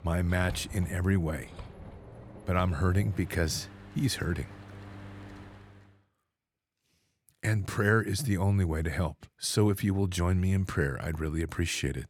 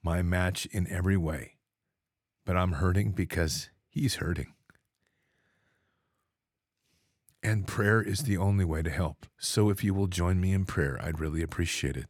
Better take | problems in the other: second | machinery noise; noticeable; until 5.5 s; 15 dB below the speech

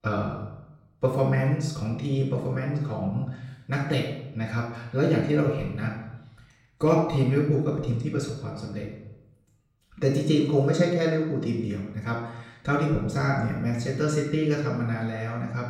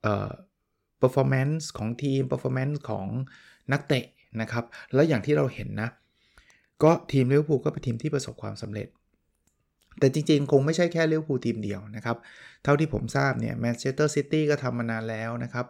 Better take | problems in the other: second | off-mic speech; far // room echo; noticeable; dies away in 0.8 s

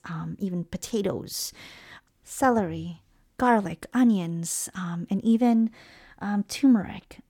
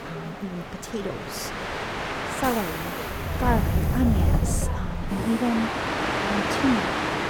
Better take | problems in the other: first | train or aircraft noise; very loud; throughout; 2 dB above the speech

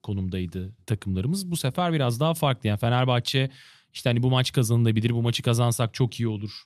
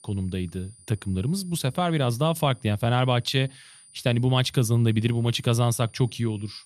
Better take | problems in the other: first | high-pitched whine; faint; throughout; 9.5 kHz, 25 dB below the speech

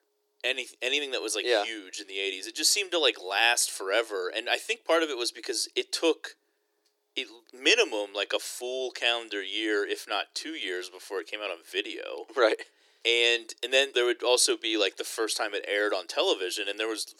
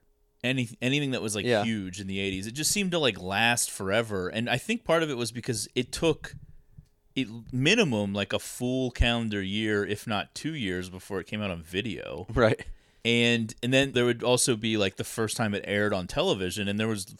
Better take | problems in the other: second | thin; very; fading below 300 Hz

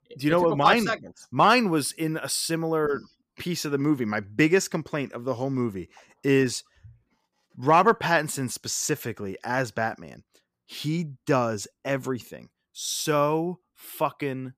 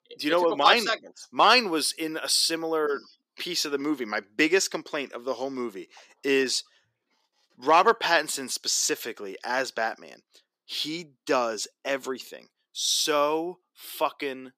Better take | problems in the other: first | thin; somewhat; fading below 300 Hz

